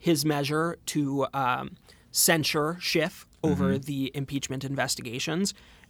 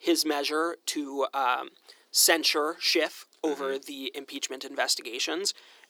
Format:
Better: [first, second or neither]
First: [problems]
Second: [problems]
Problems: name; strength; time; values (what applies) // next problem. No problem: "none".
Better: first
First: none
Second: thin; somewhat; fading below 350 Hz